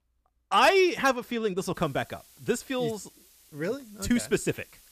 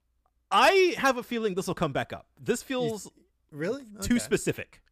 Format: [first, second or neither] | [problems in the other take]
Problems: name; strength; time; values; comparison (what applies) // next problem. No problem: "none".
second | hiss; faint; from 1.5 s on; 30 dB below the speech